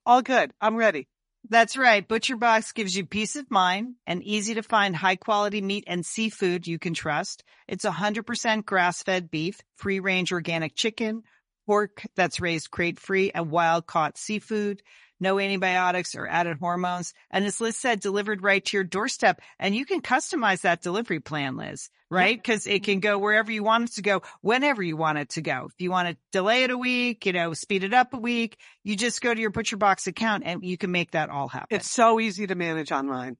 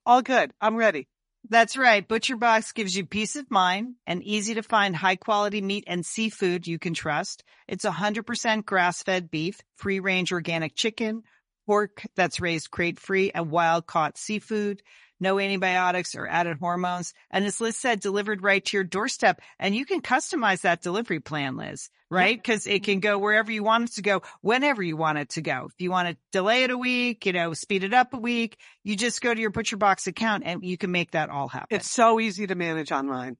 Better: neither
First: garbled, watery; slightly; nothing above 10.5 kHz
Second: garbled, watery; slightly; nothing above 10.5 kHz

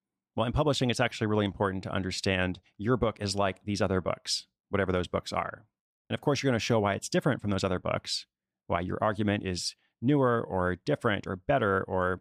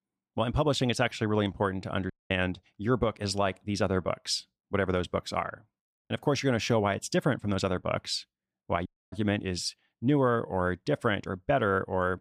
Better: first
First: none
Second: audio cutting out; at 2 s and at 9 s

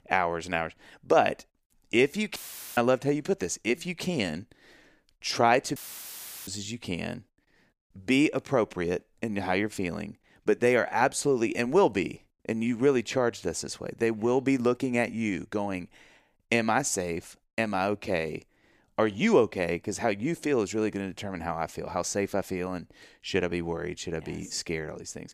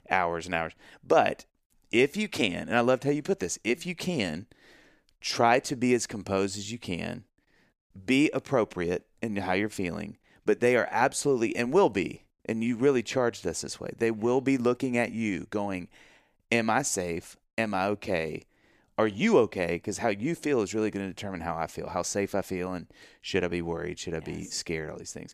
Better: second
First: audio cutting out; filled with static; at 2.5 s and at 6 s for 0.5 s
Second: none

